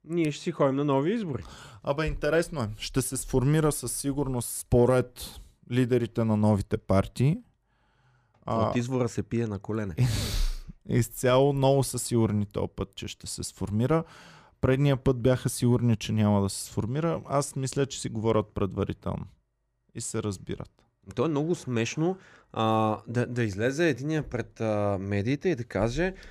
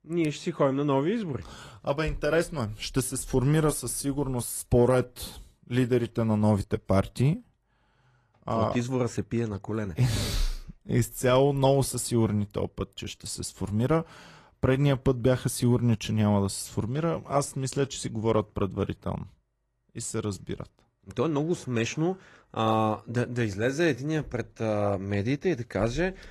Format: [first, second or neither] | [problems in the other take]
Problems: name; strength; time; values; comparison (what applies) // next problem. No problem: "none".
first | garbled, watery; slightly